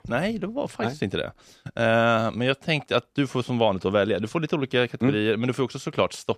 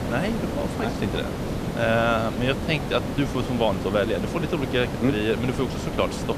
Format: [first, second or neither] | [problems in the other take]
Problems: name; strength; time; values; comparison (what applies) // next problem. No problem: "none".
first | hiss; loud; throughout; 4 dB below the speech